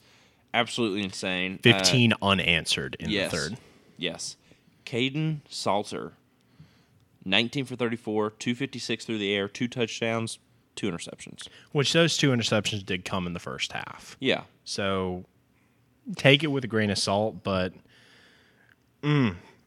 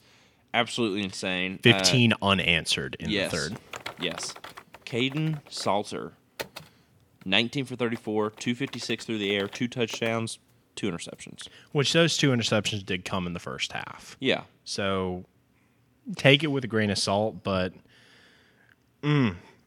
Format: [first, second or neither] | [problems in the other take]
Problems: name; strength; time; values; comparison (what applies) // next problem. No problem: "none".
first | keyboard typing; faint; from 3.5 to 10 s; peak 10 dB below the speech